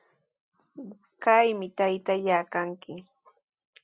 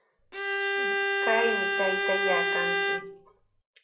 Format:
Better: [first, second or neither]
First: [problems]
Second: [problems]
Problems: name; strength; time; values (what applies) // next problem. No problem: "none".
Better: first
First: none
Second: background sound (Bowed string instrument); 5 dB above the speech // room echo; dies away in 0.7 s